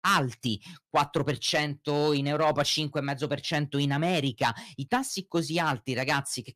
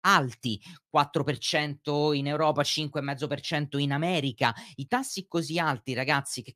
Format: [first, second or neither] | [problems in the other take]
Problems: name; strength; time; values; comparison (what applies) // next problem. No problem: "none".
second | distortion; slight; 2% of the sound clipped